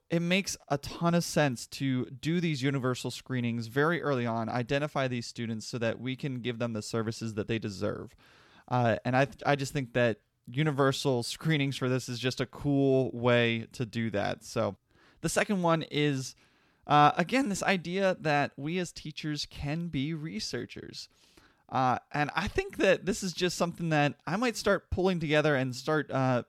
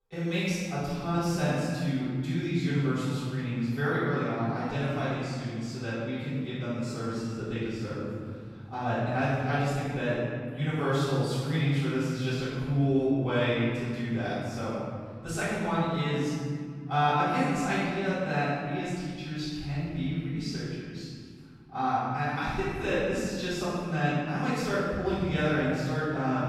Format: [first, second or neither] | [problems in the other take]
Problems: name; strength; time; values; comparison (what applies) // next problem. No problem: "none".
first | off-mic speech; far // room echo; strong; dies away in 2.2 s